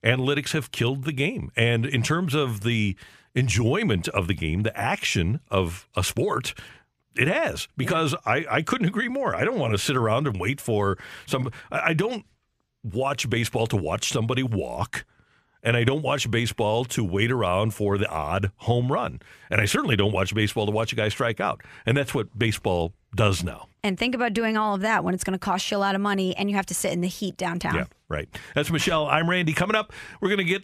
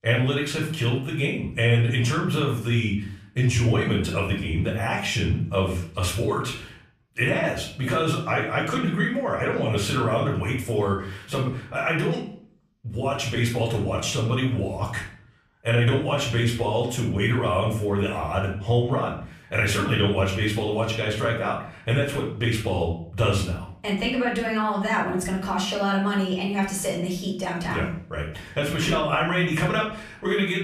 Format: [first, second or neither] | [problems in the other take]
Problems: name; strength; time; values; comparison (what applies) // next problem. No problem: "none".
first | room echo; slight; dies away in 0.5 s // off-mic speech; far